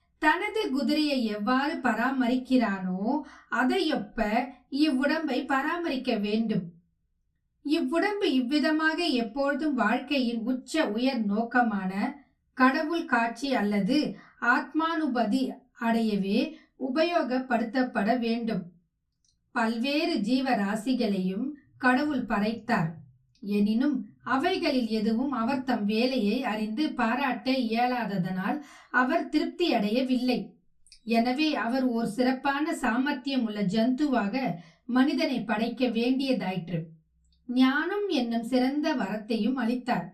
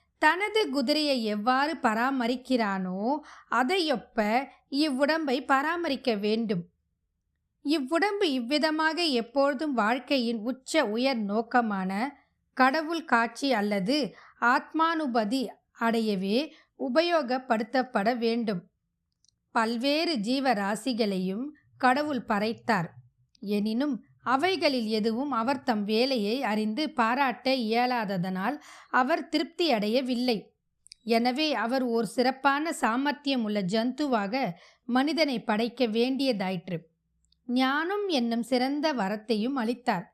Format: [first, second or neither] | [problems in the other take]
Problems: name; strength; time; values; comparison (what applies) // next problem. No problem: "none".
second | off-mic speech; far // room echo; very slight; dies away in 0.2 s